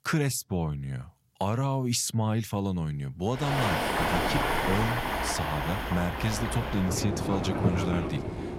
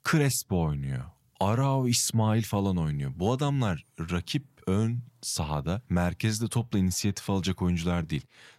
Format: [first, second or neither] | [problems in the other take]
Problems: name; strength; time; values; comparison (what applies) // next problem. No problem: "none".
second | train or aircraft noise; very loud; from 3.5 s on; as loud as the speech